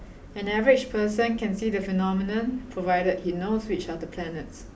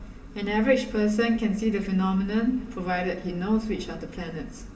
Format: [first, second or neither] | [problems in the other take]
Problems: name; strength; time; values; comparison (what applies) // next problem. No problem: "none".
first | room echo; dies away in 2.3 s